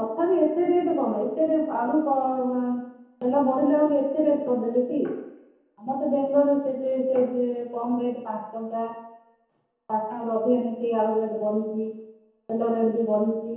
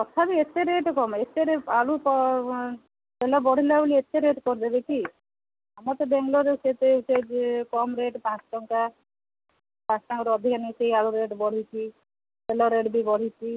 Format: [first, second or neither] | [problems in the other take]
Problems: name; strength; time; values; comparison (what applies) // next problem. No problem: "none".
second | room echo; dies away in 1 s